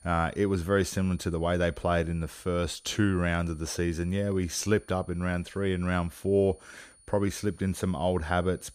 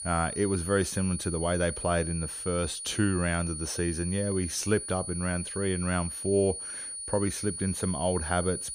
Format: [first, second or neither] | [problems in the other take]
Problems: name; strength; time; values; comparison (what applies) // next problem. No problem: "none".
first | high-pitched whine; loud; throughout; 9.5 kHz, 6 dB below the speech; faint in the first